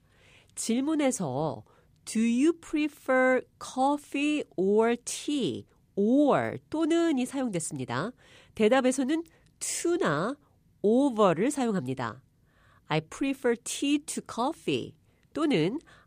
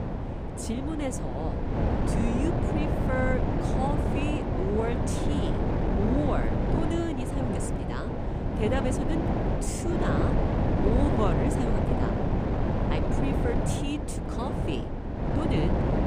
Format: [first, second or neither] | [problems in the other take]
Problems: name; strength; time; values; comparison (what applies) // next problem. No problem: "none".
first | wind noise on the microphone; heavy; 2 dB above the speech